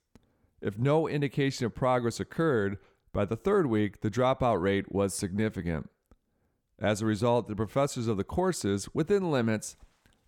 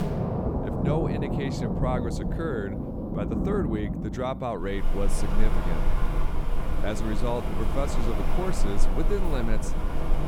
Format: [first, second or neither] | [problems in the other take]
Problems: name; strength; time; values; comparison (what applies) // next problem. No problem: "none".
first | rain or running water; very loud; throughout; 2 dB above the speech